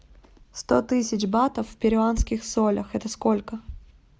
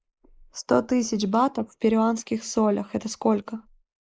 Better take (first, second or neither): first